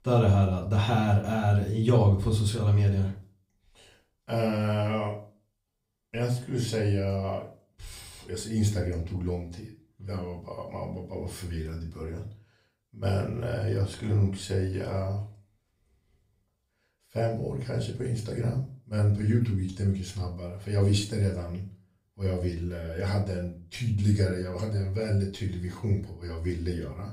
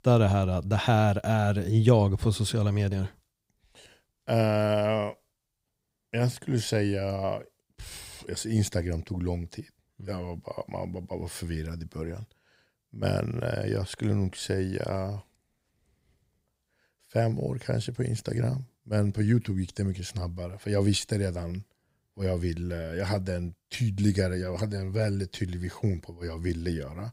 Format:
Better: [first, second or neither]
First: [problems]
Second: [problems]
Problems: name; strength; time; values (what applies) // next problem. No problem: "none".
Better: second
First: off-mic speech; far // room echo; slight; dies away in 0.3 s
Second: none